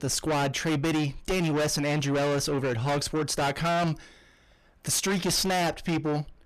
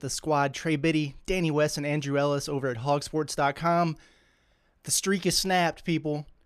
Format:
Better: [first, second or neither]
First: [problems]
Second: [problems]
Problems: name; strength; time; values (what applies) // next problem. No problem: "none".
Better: second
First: distortion; heavy; 6 dB below the speech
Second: none